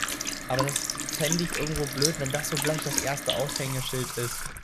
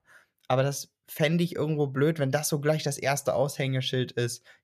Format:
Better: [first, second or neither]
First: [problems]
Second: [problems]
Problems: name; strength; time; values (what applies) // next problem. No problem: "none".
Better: second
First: household noises; very loud; throughout; 2 dB above the speech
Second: none